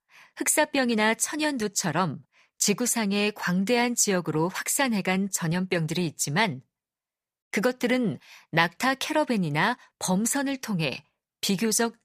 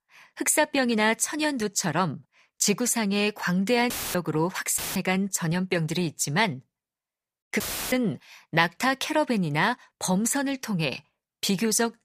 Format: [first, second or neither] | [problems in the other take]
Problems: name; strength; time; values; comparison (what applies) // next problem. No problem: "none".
first | audio cutting out; filled with static; at 4 s, at 5 s and at 7.5 s